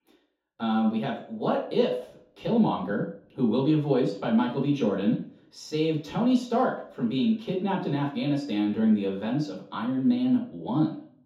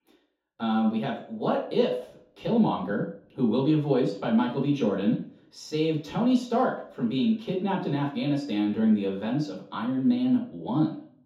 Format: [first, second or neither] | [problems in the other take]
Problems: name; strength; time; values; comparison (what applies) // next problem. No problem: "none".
neither | room echo; noticeable; dies away in 0.5 s; the same in both // off-mic speech; far; the same in both